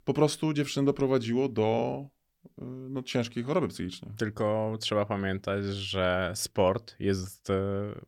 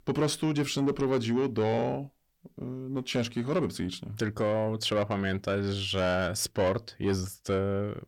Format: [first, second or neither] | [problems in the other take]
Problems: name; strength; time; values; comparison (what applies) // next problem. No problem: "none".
first | distortion; slight; 10 dB below the speech